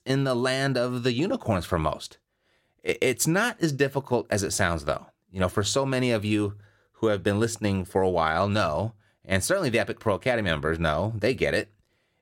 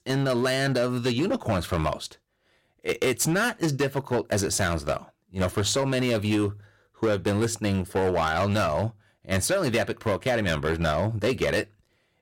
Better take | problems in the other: first | distortion; slight; 10% of the sound clipped

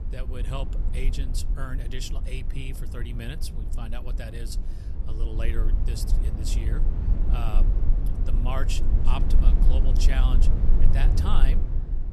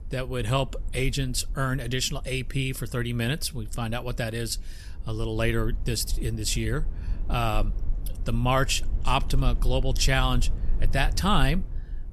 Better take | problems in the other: second | low rumble; loud; throughout; 5 dB below the speech; faint in the second

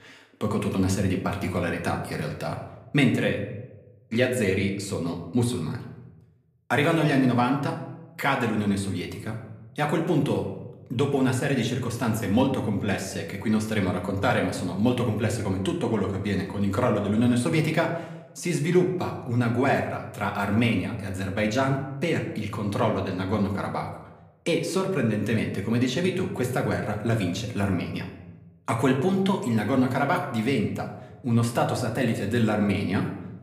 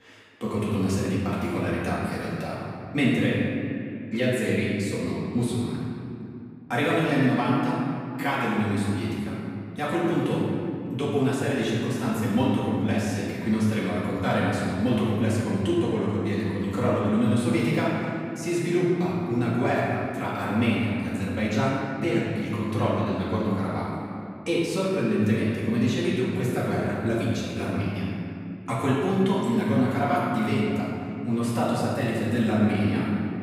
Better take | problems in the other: first | room echo; strong; dies away in 2.4 s; slight in the first // off-mic speech; far

